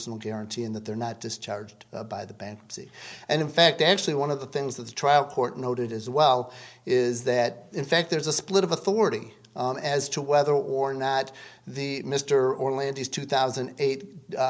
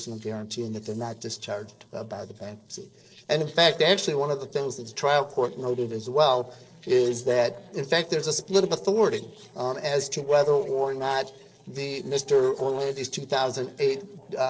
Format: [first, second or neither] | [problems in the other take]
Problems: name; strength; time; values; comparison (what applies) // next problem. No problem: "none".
first | noise reduction (neural separator model SepFormer DNS4)